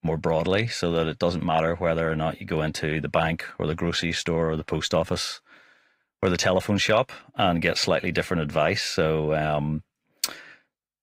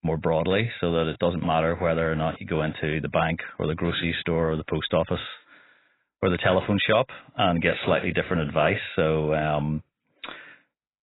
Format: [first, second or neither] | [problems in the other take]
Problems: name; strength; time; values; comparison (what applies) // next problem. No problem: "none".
first | garbled, watery; badly; nothing above 4 kHz; slightly in the first